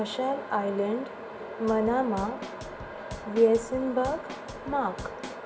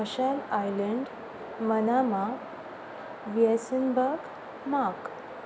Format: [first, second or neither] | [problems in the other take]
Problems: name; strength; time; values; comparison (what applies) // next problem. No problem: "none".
second | background sound (Drum / Drum kit); 15 dB below the speech // room echo; dies away in 1.2 s